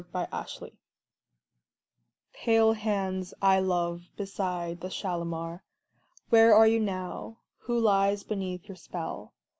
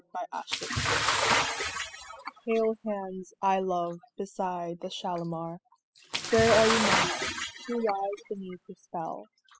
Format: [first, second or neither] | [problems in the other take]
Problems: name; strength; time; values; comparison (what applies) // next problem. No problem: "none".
first | noise reduction (classical method spectral subtraction)